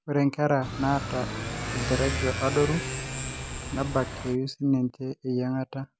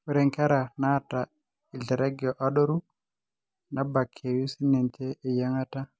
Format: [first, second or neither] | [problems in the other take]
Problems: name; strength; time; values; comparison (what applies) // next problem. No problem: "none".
second | background sound (Motorcycle / Accelerating, revving, vroom); 4 dB below the speech